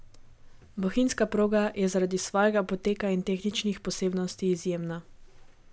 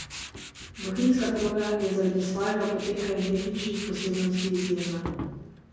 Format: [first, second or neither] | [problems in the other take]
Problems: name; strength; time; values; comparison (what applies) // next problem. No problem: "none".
first | background sound (Tools); 12 dB below the speech // room echo; dies away in 1.3 s